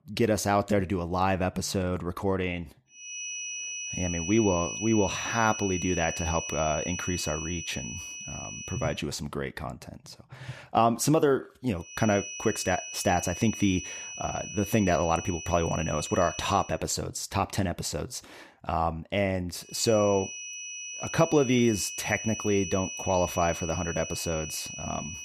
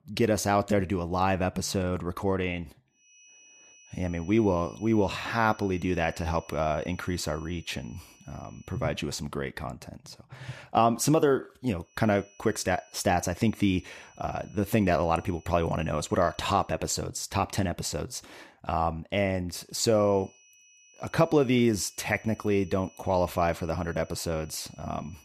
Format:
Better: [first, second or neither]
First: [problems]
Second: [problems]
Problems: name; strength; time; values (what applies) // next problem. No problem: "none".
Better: second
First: high-pitched whine; loud; from 3 to 9 s, from 12 to 17 s and from 20 s on; 6 kHz, 7 dB below the speech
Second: high-pitched whine; faint; from 3 to 9 s, from 12 to 17 s and from 20 s on; 6 kHz, 25 dB below the speech